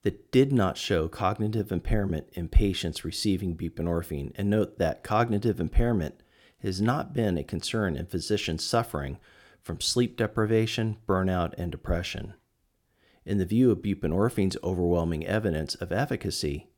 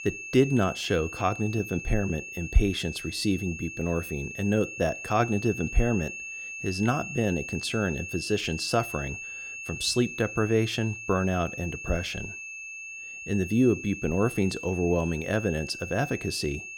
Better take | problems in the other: first | high-pitched whine; loud; throughout; 2.5 kHz, 9 dB below the speech

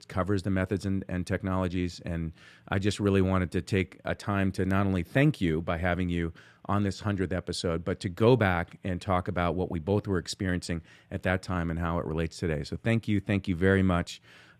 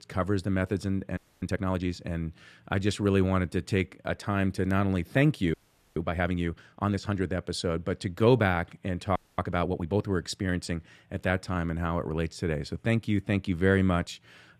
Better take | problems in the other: first | audio freezing; at 1 s, at 5.5 s and at 9 s

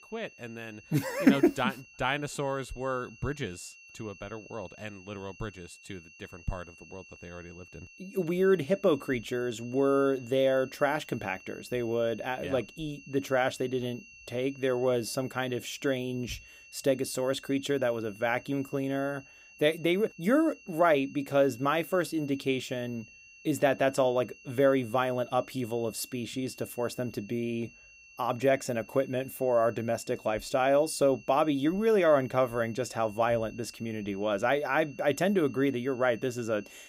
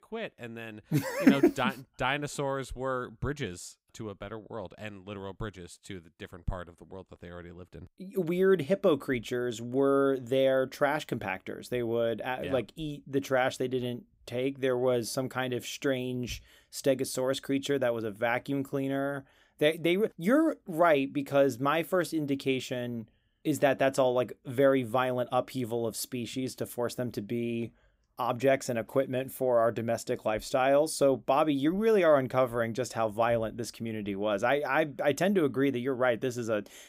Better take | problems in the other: second | high-pitched whine; faint; throughout; 2.5 kHz, 20 dB below the speech

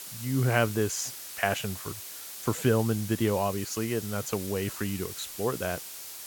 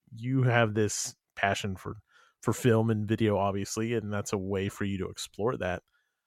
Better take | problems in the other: second | hiss; loud; throughout; 9 dB below the speech

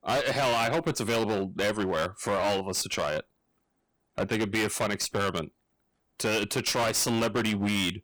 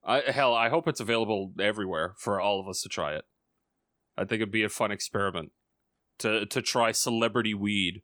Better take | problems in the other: second | distortion; heavy; 19% of the sound clipped

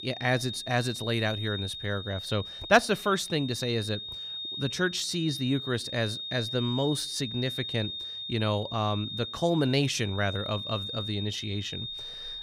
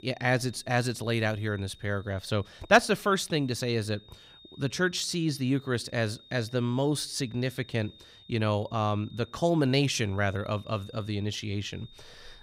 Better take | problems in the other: second | high-pitched whine; loud; throughout; 3.5 kHz, 6 dB below the speech; faint in the second

